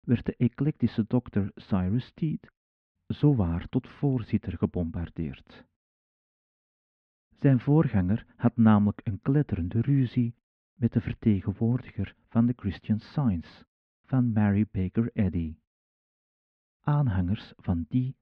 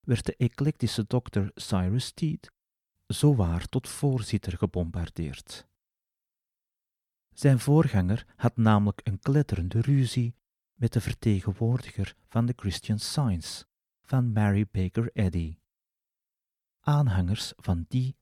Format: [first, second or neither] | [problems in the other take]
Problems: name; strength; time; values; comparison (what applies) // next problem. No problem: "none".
second | muffled; very; fading above 3 kHz